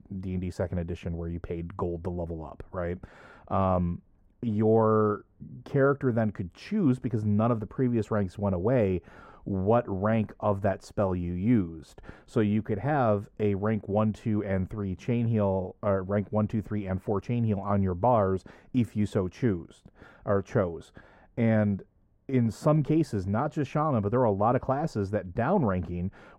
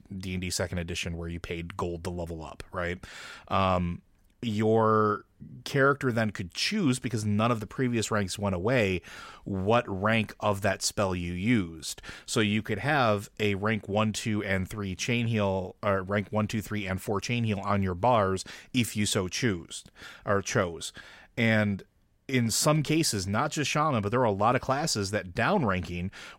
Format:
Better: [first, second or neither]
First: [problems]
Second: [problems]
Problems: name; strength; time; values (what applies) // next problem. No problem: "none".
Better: second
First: muffled; very; fading above 2 kHz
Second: none